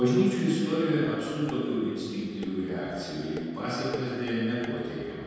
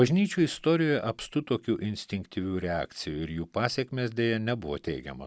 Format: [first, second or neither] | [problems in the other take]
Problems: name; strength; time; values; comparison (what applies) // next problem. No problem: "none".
second | background sound (Dishes, pots, and pans); 17 dB below the speech // room echo; dies away in 2.1 s